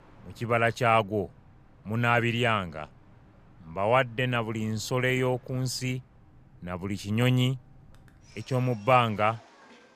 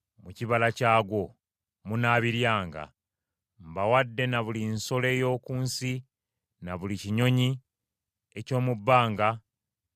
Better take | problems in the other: second | train or aircraft noise; faint; throughout; 30 dB below the speech

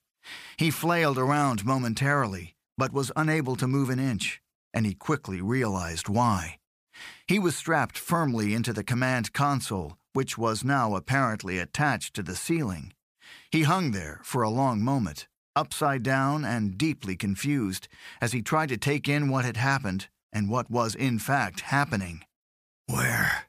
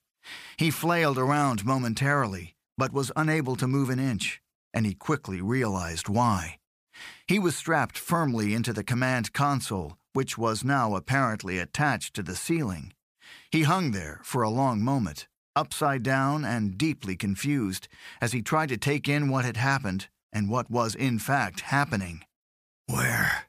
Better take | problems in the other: neither | none

